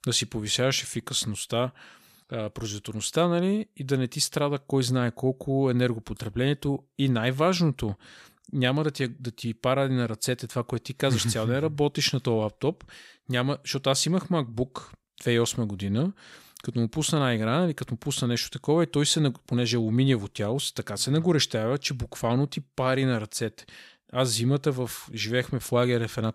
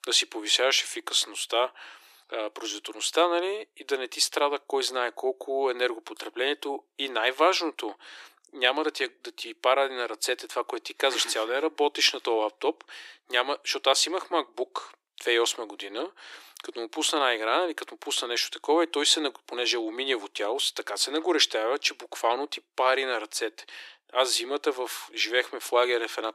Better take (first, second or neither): first